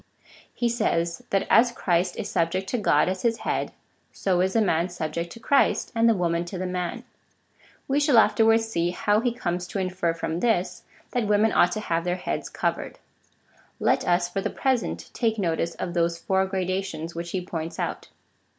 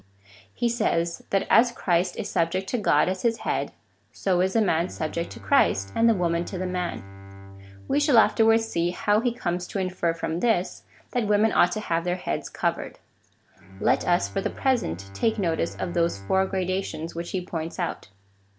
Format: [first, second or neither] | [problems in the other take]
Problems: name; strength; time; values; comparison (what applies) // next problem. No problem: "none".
first | background sound (Bowed string instrument); 20 dB below the speech